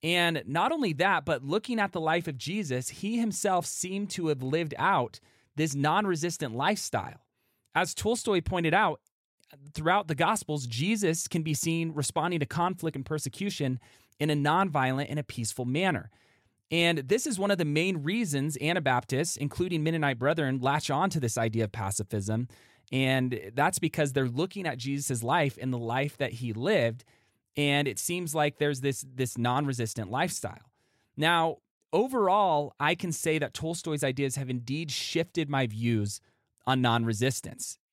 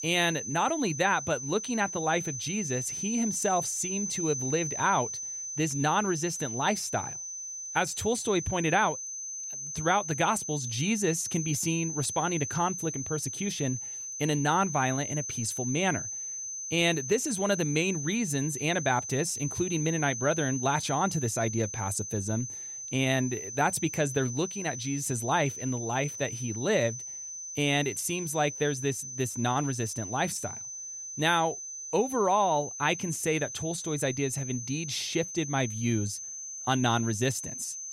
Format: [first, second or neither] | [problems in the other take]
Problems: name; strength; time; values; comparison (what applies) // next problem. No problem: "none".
first | high-pitched whine; loud; throughout; 6 kHz, 6 dB below the speech